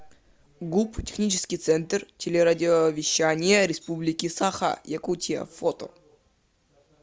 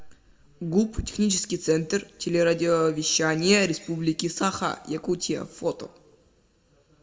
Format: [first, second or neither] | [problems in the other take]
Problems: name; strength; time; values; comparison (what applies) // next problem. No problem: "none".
first | room echo; dies away in 0.6 s